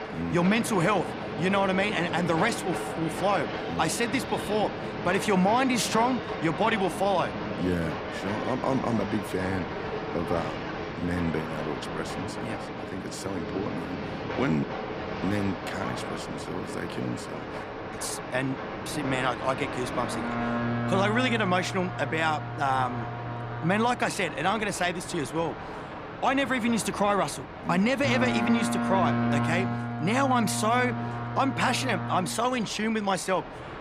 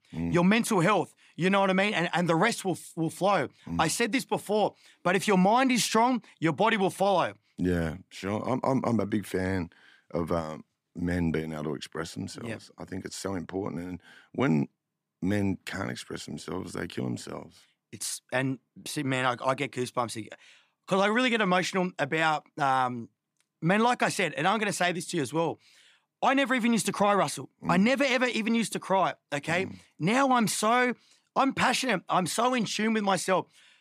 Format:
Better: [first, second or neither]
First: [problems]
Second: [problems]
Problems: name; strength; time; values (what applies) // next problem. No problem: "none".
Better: second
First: train or aircraft noise; loud; throughout; 5 dB below the speech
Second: none